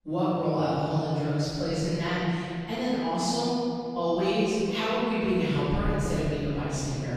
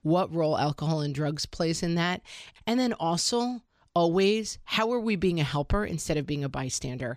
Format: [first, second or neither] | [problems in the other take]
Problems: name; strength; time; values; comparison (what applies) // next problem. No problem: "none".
second | off-mic speech; far // room echo; strong; dies away in 2.6 s